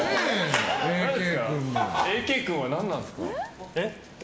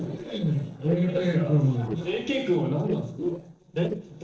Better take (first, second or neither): first